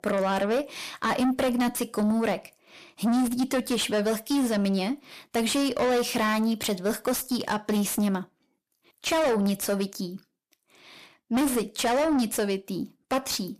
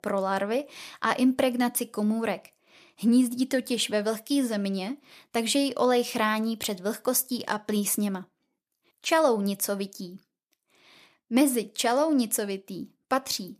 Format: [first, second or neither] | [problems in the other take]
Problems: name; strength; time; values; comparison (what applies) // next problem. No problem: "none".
second | distortion; heavy; 7 dB below the speech